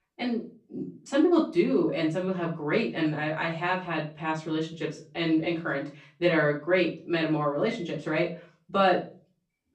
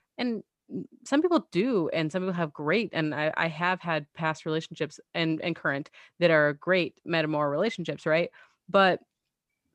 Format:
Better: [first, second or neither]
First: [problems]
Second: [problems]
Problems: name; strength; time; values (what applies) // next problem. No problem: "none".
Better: second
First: off-mic speech; far // room echo; slight; dies away in 0.3 s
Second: none